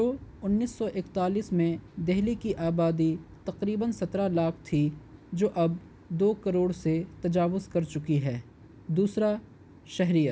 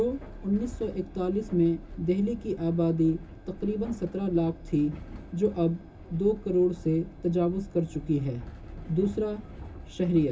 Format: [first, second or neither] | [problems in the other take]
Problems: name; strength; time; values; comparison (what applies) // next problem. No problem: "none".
first | background sound (Train); 15 dB below the speech // room echo; dies away in 0.2 s